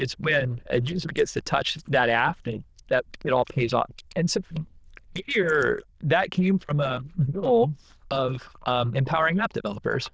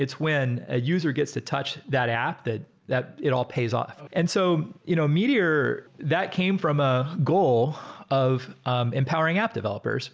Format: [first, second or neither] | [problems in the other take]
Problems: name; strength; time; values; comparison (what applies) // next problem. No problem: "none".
second | noise reduction (neural diffusion model UNIVERSE++)